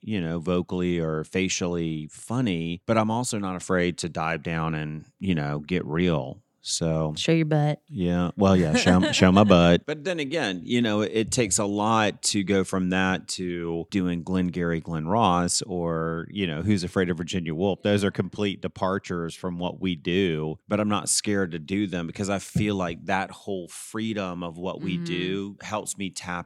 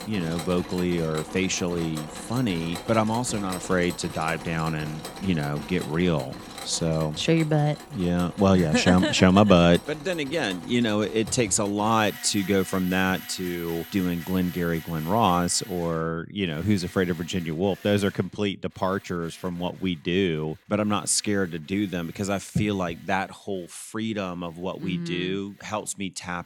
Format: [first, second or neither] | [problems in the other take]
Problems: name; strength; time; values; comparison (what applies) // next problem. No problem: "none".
first | machinery noise; noticeable; throughout; 15 dB below the speech